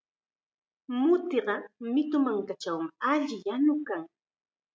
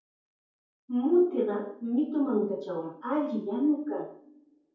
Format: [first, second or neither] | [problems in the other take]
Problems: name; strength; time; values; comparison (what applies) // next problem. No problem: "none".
first | room echo; dies away in 0.6 s